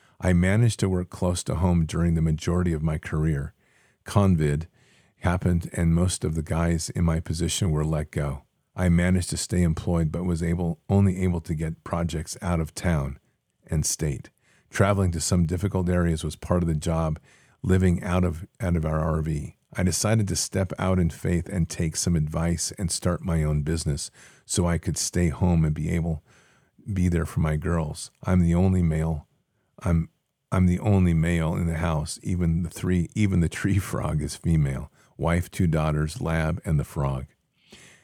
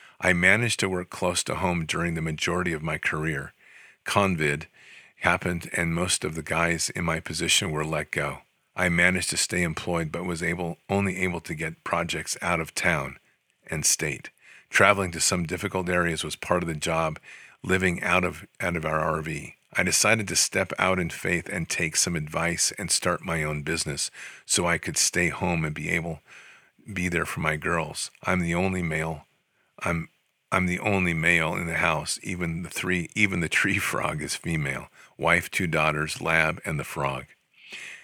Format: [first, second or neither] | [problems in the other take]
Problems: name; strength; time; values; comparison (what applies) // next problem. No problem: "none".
first | thin; somewhat; fading below 1 kHz